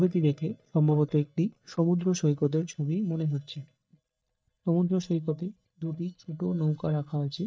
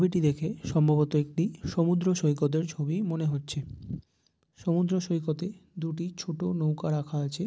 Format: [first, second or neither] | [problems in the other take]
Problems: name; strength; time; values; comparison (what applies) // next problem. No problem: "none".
second | noise reduction (neural mask model DeepFilterNet 3)